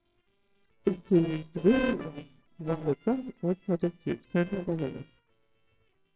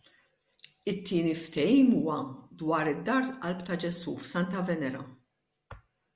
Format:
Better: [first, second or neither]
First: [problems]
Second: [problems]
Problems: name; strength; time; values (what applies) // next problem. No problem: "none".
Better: second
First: noise reduction (neural separator model SepFormer WHAMR!)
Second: none